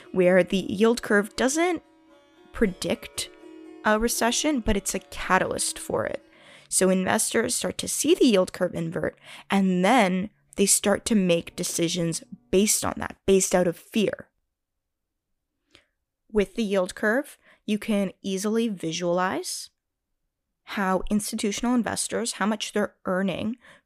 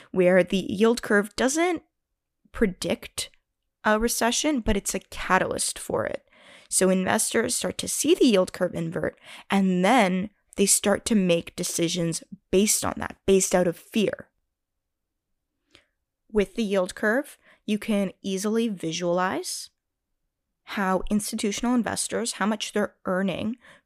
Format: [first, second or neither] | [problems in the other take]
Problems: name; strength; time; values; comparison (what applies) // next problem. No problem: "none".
second | background music; faint; until 12 s; 25 dB below the speech